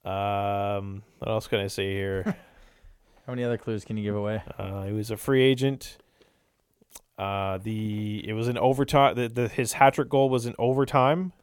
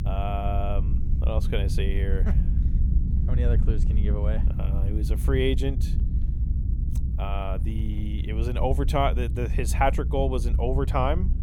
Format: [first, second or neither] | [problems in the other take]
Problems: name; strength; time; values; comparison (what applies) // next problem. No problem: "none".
first | low rumble; noticeable; throughout; 10 dB below the speech